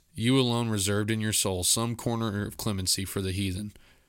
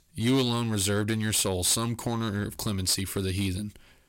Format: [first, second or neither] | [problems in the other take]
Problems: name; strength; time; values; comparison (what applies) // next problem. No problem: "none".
first | distortion; slight; 6% of the sound clipped